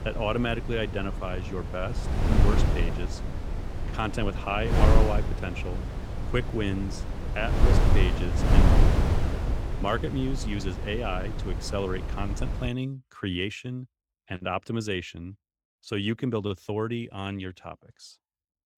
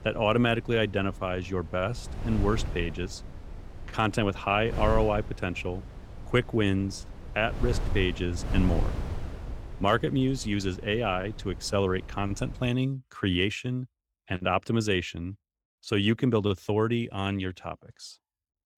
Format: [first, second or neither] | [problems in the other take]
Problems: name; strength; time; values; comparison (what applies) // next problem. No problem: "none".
second | wind noise on the microphone; heavy; until 13 s; 3 dB below the speech; occasional gusts in the second